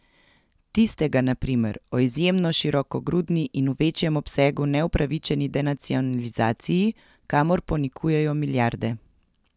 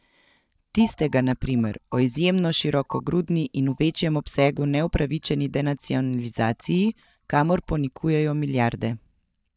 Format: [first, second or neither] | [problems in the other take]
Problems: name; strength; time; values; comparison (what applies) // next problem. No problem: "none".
first | noise reduction (neural mask model DeepFilterNet 3)